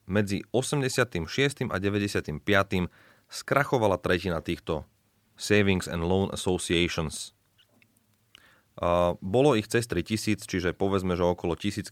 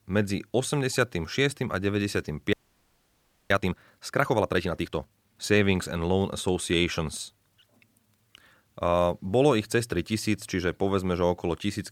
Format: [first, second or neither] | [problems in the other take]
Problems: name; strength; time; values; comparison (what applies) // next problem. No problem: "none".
first | audio freezing; at 2.5 s for 1 s